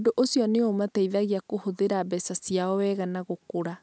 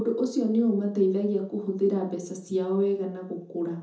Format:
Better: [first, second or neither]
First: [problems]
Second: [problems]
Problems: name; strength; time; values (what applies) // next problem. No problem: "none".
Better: first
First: none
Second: room echo; dies away in 0.5 s